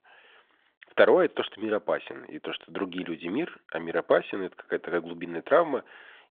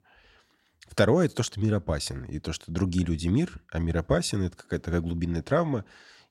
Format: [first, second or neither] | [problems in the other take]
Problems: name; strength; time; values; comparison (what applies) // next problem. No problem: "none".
second | phone-call audio; nothing above 3.5 kHz